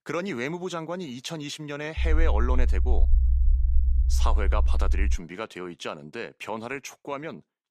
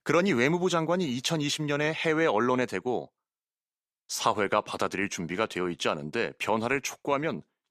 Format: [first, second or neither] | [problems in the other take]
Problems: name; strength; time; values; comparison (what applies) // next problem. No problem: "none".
second | low rumble; noticeable; from 2 to 5 s; 15 dB below the speech